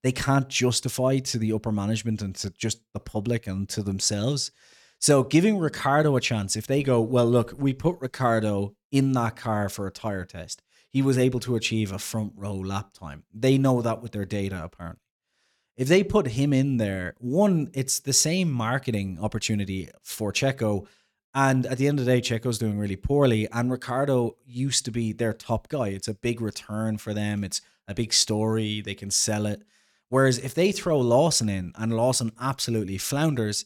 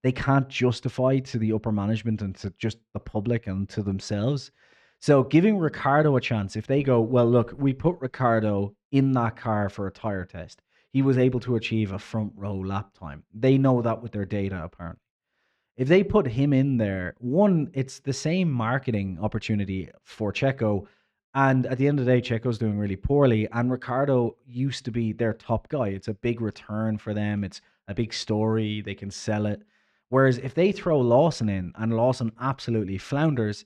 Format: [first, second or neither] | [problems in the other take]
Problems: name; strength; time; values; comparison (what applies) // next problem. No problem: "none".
first | muffled; slightly; fading above 2.5 kHz